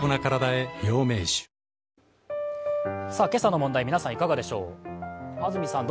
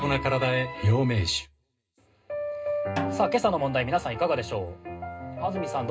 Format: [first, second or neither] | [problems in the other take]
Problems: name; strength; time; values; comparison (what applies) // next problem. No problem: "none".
first | background sound (Snare drum); 12 dB below the speech // room echo; dies away in 0.2 s